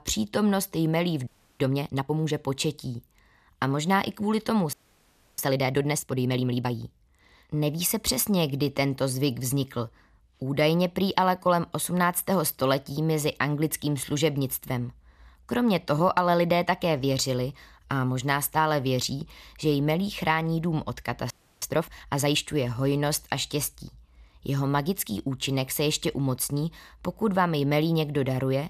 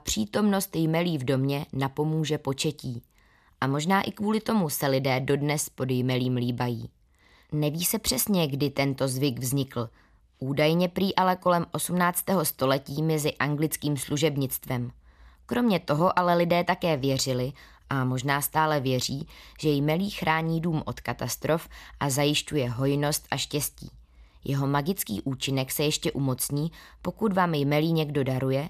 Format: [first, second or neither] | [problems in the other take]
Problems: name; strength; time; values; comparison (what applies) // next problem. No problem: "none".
second | audio freezing; at 1.5 s, at 4.5 s for 0.5 s and at 21 s